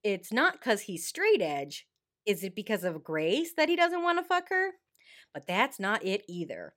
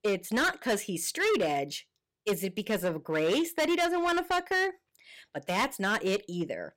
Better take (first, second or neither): first